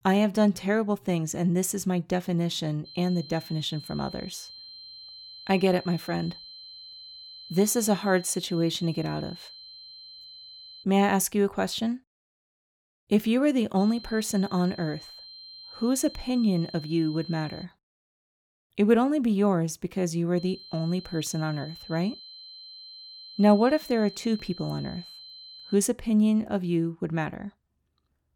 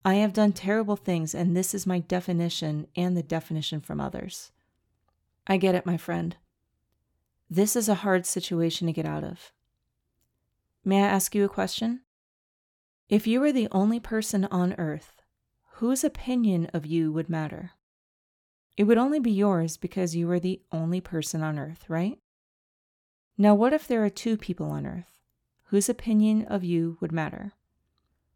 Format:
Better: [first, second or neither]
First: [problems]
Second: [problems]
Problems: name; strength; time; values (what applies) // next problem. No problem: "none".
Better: second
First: high-pitched whine; noticeable; from 3 to 11 s, from 14 to 18 s and from 20 to 26 s; 4 kHz, 15 dB below the speech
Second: none